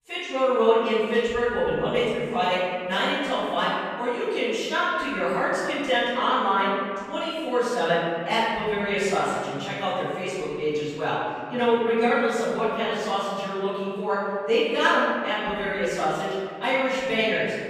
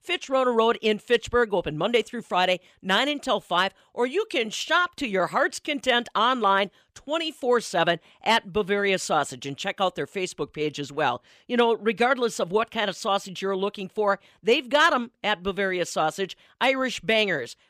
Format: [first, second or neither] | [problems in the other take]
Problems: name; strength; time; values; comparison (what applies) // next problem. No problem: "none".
second | off-mic speech; far // room echo; strong; dies away in 2 s